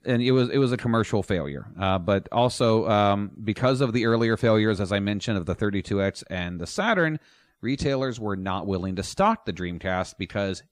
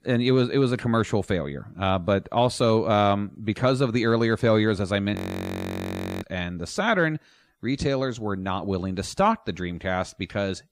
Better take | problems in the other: first | audio freezing; at 5 s for 1 s

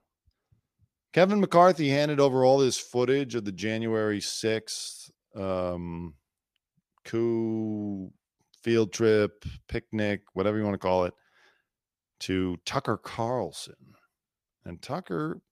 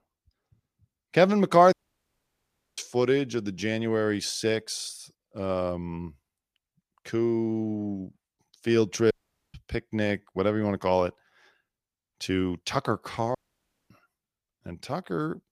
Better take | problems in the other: first | audio cutting out; at 1.5 s for 1 s, at 9 s and at 13 s for 0.5 s

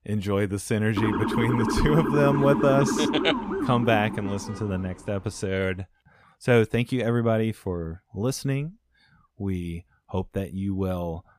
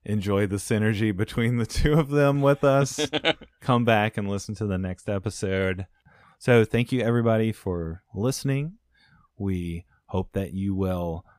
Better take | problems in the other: second | siren; loud; from 1 to 5 s; peak 1 dB above the speech

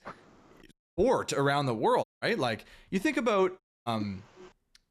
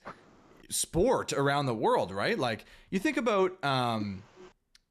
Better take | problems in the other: second | audio cutting out; at 0.5 s, at 2 s and at 3.5 s

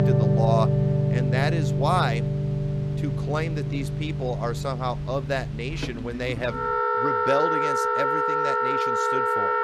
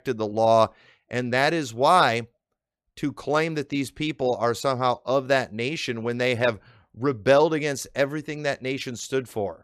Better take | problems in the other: second | background music; very loud; throughout; 5 dB above the speech

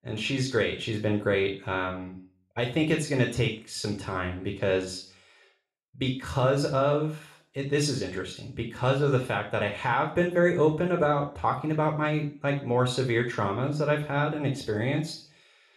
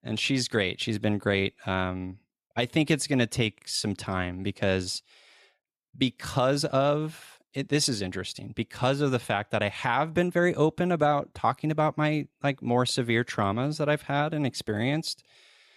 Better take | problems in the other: second | room echo; slight; dies away in 0.4 s // off-mic speech; somewhat distant

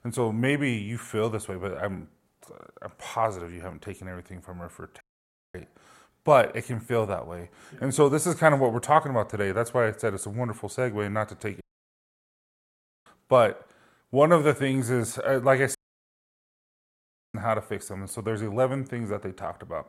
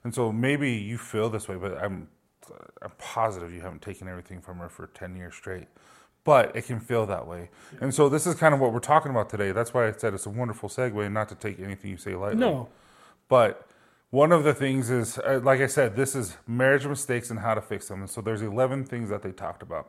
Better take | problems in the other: second | audio cutting out; at 5 s for 0.5 s, at 12 s for 1.5 s and at 16 s for 1.5 s

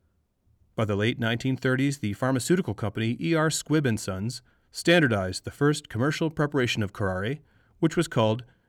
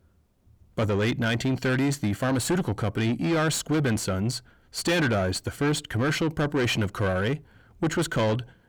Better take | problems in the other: first | distortion; heavy; 7 dB below the speech

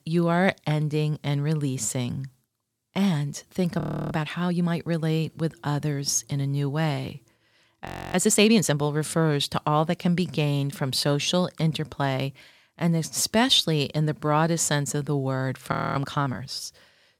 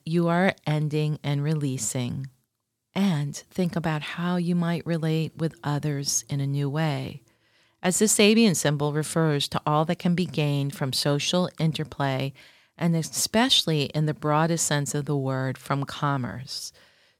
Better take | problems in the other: second | audio freezing; at 4 s, at 8 s and at 16 s

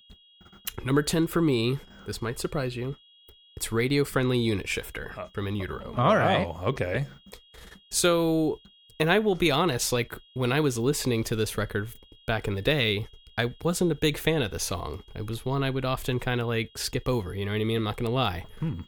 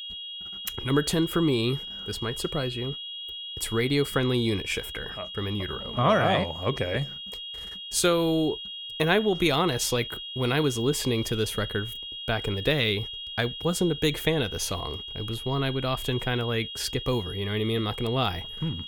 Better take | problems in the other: first | high-pitched whine; loud; throughout; 3.5 kHz, 8 dB below the speech; faint in the first

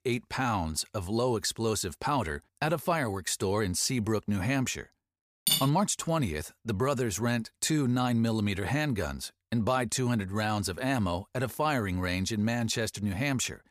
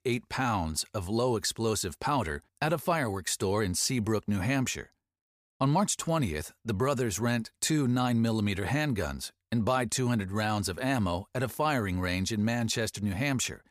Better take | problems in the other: second | clattering dishes; loud; at 5.5 s; peak 3 dB above the speech

